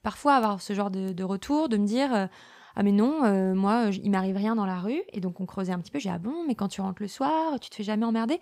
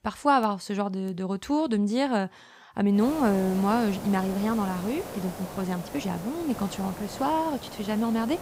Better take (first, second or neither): first